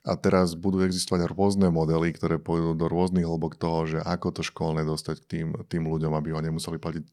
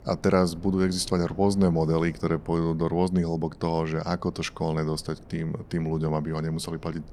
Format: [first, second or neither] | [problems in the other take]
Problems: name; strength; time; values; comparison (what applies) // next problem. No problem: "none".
first | wind noise on the microphone; occasional gusts; 25 dB below the speech